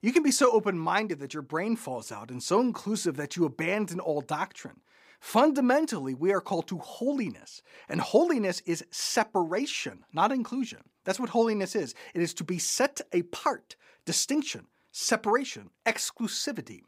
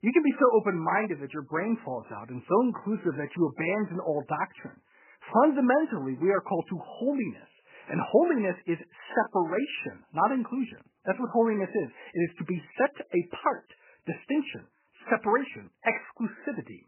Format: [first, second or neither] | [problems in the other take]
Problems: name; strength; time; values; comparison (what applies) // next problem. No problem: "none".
first | garbled, watery; badly; nothing above 3 kHz